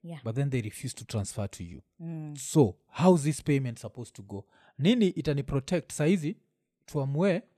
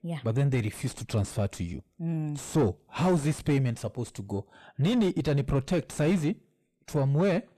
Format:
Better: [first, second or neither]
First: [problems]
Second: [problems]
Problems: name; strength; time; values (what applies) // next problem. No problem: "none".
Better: first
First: none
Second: distortion; heavy; 5 dB below the speech